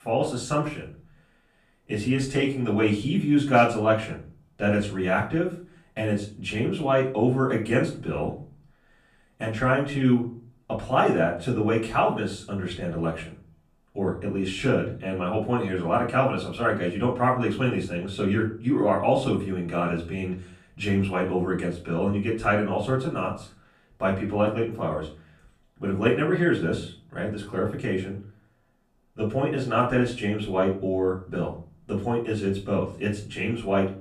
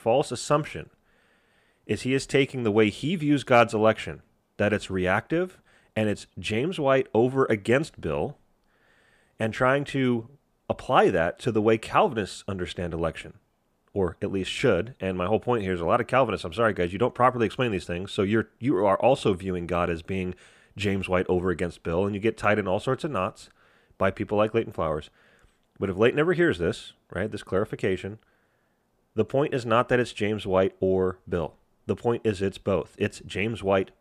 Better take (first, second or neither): second